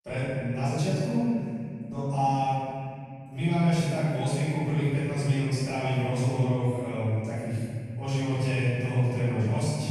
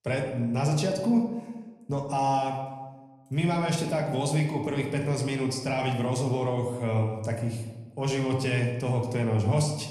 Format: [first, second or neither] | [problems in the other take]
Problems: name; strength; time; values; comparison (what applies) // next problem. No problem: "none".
second | room echo; strong; dies away in 2.7 s; slight in the second // off-mic speech; far; somewhat distant in the second